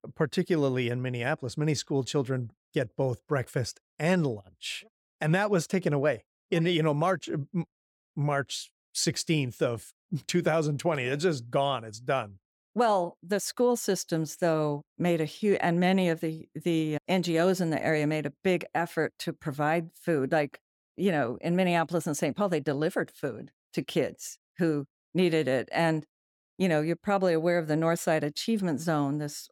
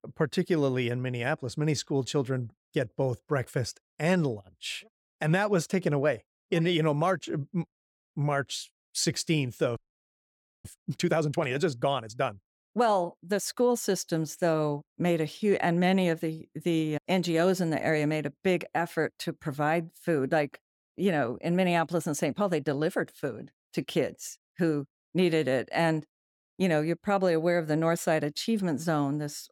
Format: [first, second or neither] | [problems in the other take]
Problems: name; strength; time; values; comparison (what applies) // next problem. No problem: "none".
first | audio freezing; at 10 s for 1 s